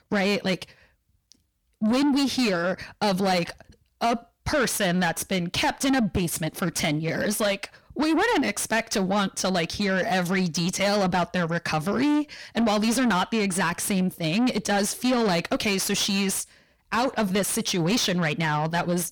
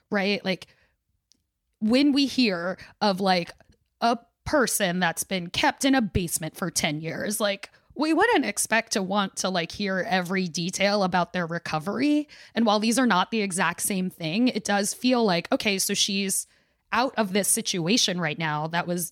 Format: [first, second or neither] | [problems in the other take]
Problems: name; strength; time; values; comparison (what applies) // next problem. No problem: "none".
second | distortion; heavy; 7 dB below the speech